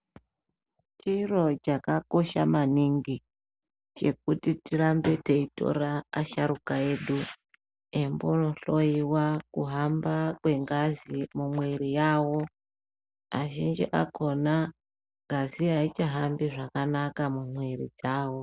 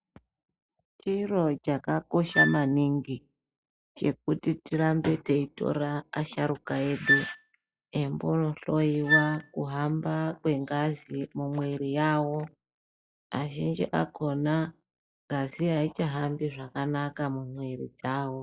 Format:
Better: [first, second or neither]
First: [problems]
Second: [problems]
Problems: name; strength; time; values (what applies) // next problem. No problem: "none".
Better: first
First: none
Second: noise reduction (classical method log-MMSE)